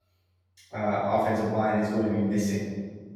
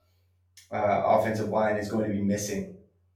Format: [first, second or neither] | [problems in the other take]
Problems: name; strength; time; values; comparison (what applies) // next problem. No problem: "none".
second | room echo; strong; dies away in 1.5 s; slight in the second // off-mic speech; far; far in the second